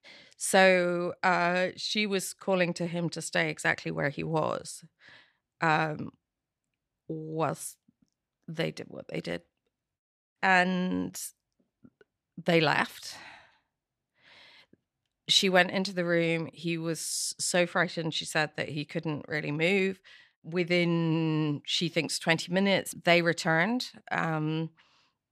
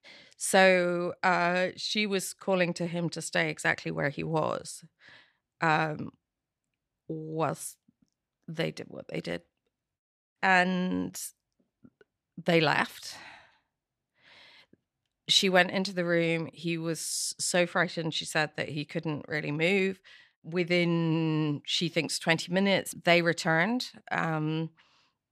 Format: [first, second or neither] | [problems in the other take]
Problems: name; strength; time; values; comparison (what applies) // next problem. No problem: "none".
neither | none